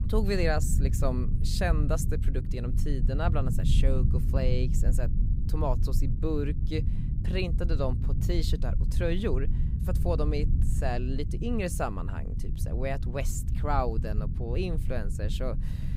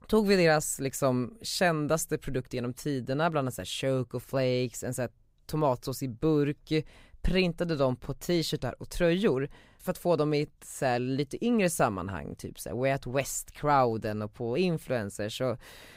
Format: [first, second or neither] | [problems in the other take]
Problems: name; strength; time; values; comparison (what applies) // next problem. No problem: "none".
second | low rumble; loud; throughout; 10 dB below the speech